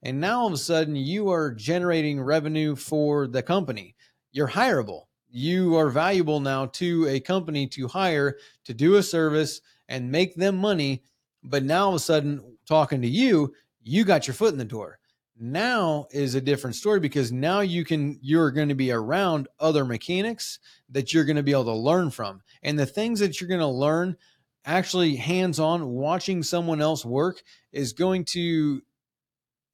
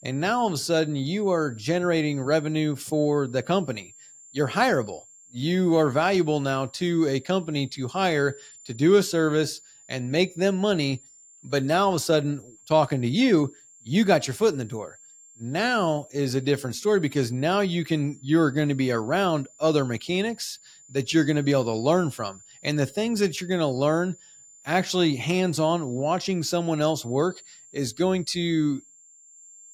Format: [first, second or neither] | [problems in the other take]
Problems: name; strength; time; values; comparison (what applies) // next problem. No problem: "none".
first | high-pitched whine; faint; throughout; 7 kHz, 25 dB below the speech